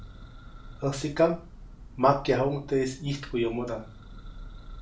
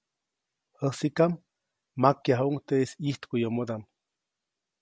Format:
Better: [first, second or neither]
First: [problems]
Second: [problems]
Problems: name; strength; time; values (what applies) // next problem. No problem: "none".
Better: second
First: background sound (Church bell); 15 dB below the speech // room echo; dies away in 0.3 s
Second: none